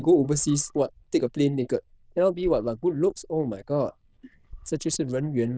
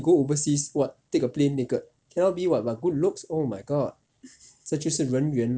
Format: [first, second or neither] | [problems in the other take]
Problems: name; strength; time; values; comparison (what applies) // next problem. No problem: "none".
second | noise reduction (neural diffusion model UNIVERSE++)